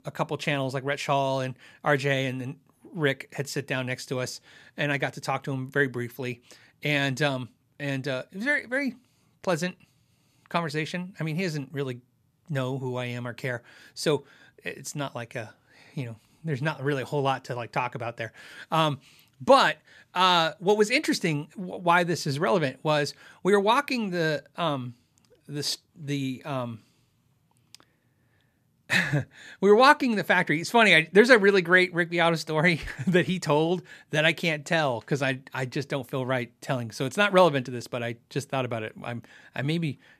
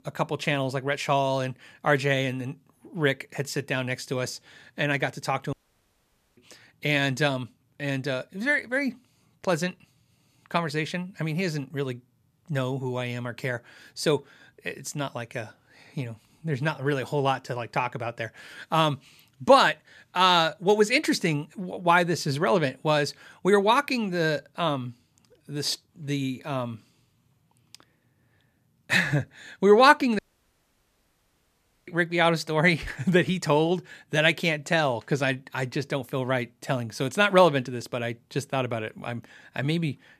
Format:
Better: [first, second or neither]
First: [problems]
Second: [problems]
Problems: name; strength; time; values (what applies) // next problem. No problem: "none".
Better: first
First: none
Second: audio cutting out; at 5.5 s for 1 s and at 30 s for 1.5 s